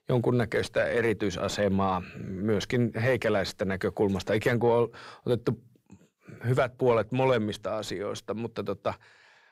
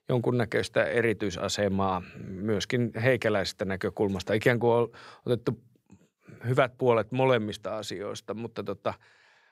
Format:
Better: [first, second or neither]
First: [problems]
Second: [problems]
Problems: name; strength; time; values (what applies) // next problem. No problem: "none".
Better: second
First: distortion; slight; 10 dB below the speech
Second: none